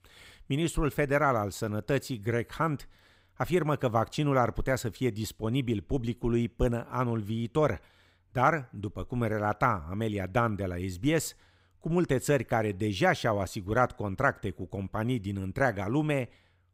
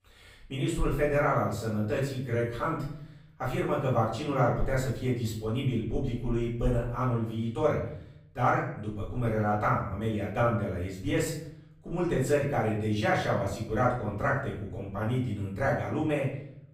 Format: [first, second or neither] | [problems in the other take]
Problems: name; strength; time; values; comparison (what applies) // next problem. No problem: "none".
first | off-mic speech; far // room echo; noticeable; dies away in 0.6 s